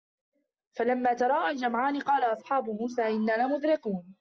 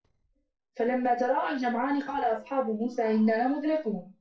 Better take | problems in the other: first | noise reduction (neural separator model SepFormer DNS4)

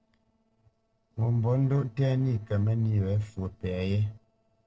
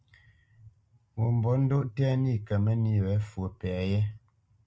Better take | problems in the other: second | noise reduction (neural separator model SepFormer DNS4)

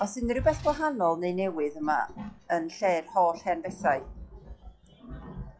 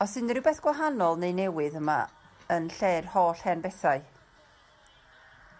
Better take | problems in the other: second | noise reduction (classical method log-MMSE)

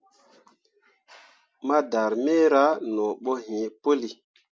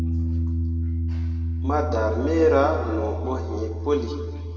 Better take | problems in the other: first | background sound (Piano); 1 dB below the speech // room echo; dies away in 2.4 s

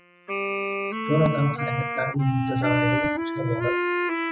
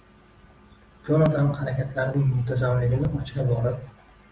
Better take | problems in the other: second | noise reduction (classical method spectral subtraction)

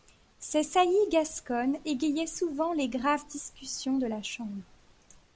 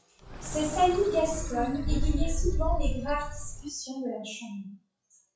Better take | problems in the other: first | noise reduction (classical method WPE with log-MMSE)

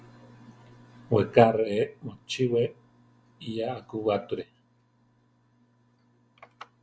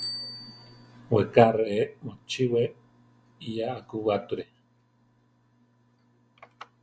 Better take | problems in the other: first | background sound (Bicycle bell); 18 dB below the speech

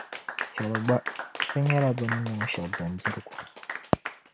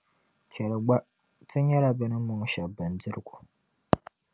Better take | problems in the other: second | background sound (Applause / Clapping); 6 dB below the speech

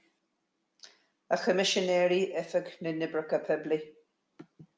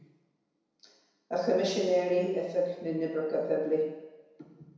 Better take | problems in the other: first | room echo; dies away in 1 s

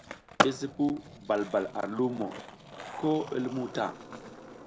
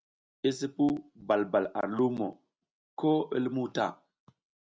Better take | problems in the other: second | background sound (Skateboard); 5 dB below the speech

